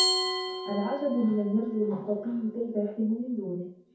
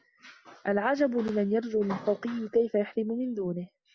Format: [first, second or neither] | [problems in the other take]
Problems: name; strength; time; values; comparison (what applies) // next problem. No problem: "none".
second | background sound (Glass); 5 dB below the speech // room echo; dies away in 0.6 s